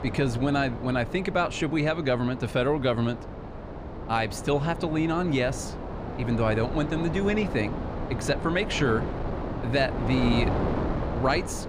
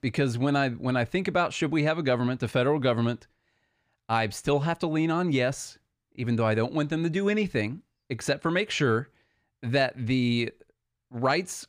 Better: second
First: wind noise on the microphone; heavy; 8 dB below the speech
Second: none

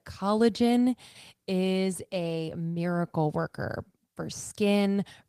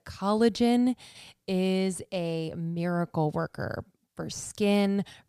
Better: second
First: garbled, watery; slightly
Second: none

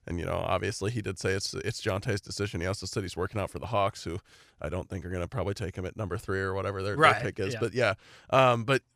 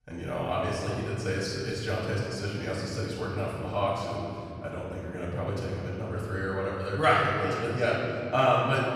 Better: first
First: none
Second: off-mic speech; far // room echo; strong; dies away in 2.8 s

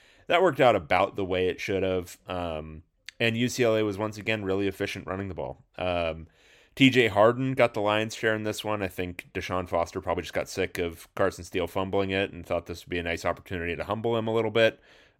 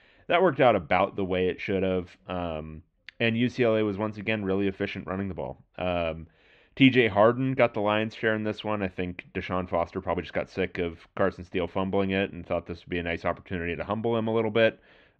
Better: first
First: none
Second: muffled; slightly; fading above 3.5 kHz

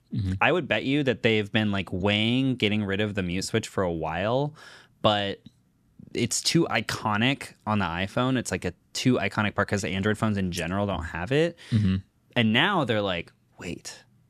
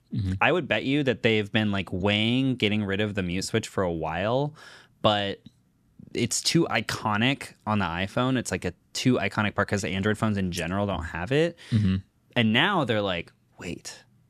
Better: neither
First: none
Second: none

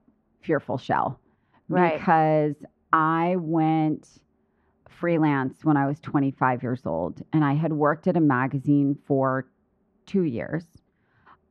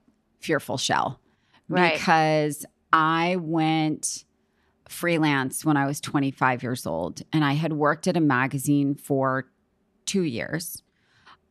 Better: second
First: muffled; very; fading above 4 kHz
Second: none

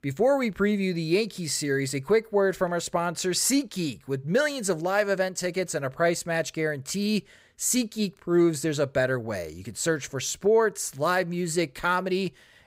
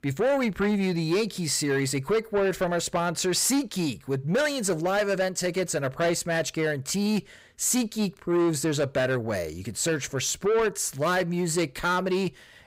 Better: first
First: none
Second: distortion; slight; 10 dB below the speech

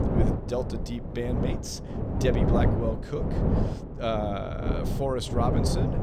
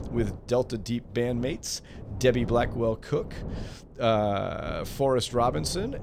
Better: second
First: wind noise on the microphone; heavy; 2 dB below the speech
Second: wind noise on the microphone; occasional gusts; 20 dB below the speech

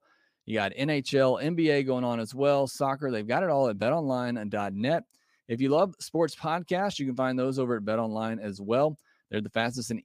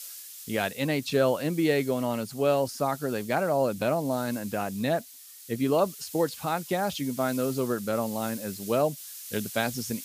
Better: first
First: none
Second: hiss; noticeable; throughout; 15 dB below the speech

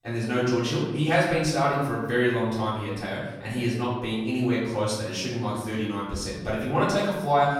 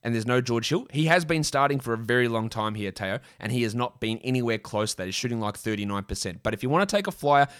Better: second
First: off-mic speech; far // room echo; noticeable; dies away in 0.9 s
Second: none

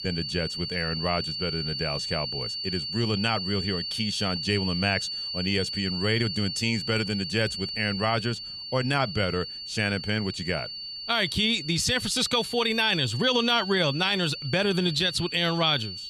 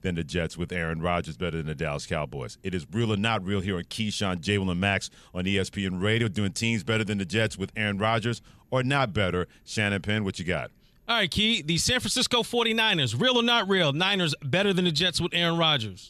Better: second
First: high-pitched whine; loud; throughout; 4.5 kHz, 5 dB below the speech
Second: none

